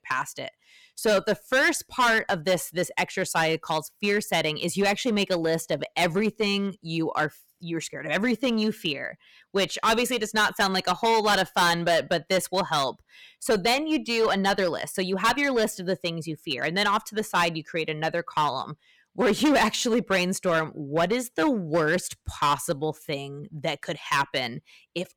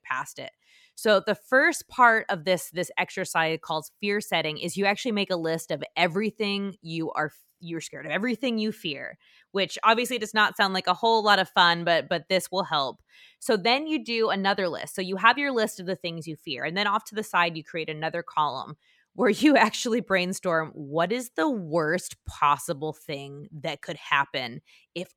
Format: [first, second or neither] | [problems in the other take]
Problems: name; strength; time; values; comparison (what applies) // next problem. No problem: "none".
second | distortion; heavy; 8% of the sound clipped